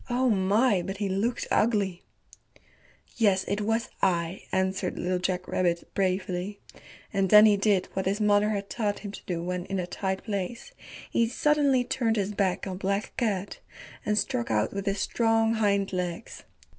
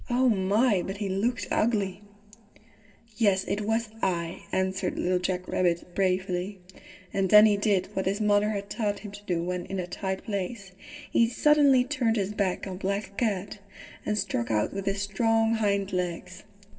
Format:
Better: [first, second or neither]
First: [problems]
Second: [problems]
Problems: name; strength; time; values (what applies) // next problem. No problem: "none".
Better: first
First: none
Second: room echo; dies away in 2.1 s